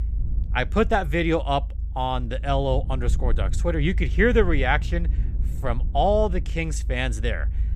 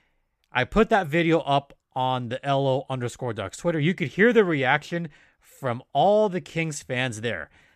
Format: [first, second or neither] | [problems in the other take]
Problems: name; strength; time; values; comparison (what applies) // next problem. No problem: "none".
second | low rumble; faint; throughout; 20 dB below the speech